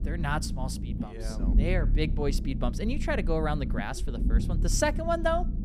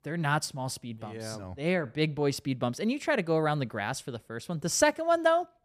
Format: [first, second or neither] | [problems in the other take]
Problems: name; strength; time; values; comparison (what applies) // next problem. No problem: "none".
second | low rumble; noticeable; throughout; 10 dB below the speech